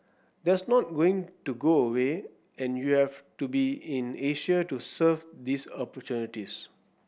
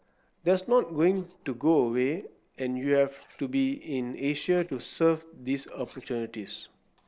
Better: first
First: none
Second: noise reduction (neural separator model SepFormer DNS4)

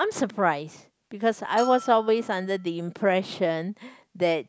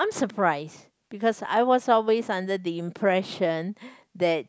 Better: second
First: background sound (Bell); 18 dB below the speech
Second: none

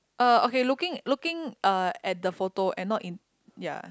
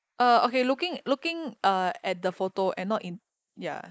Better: first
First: none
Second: noise reduction (neural mask model Resemble Enhance denoiser)

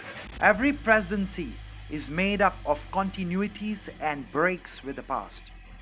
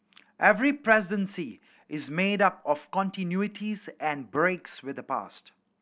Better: second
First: background sound (Engine starting / Car); 15 dB below the speech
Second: none

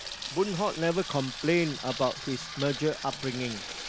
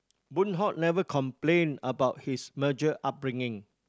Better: second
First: background sound (Sink (filling or washing) / Water tap, faucet); 9 dB below the speech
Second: none

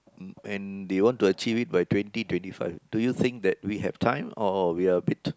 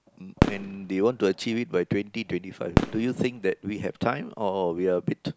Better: first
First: none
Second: background sound (Fireworks); 3 dB below the speech

